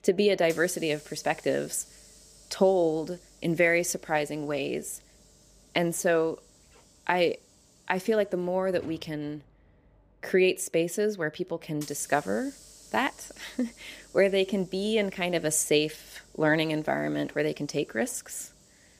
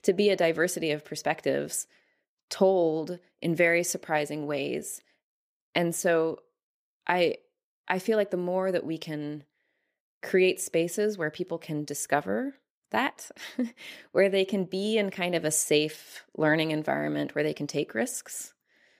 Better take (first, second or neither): second